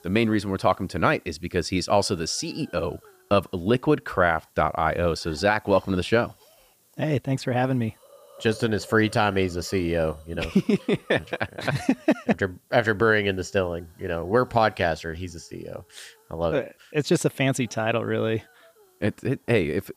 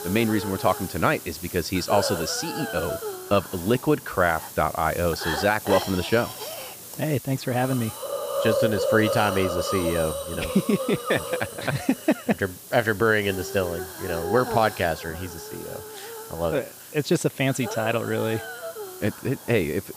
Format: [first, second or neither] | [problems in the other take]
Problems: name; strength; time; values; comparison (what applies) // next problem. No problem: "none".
first | hiss; loud; throughout; 7 dB below the speech; faint in the first